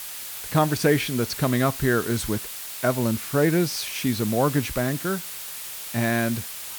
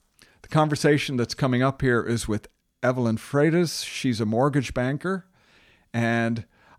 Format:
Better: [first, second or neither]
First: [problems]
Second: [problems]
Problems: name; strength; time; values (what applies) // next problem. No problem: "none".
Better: second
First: hiss; loud; throughout; 8 dB below the speech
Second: none